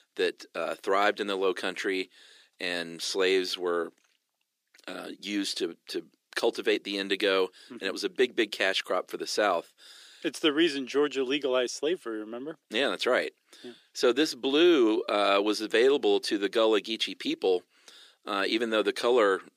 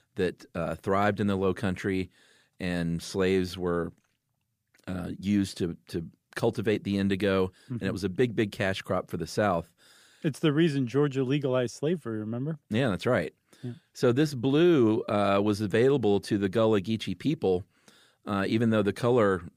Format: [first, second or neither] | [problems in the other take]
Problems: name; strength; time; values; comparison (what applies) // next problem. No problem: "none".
second | thin; somewhat; fading below 350 Hz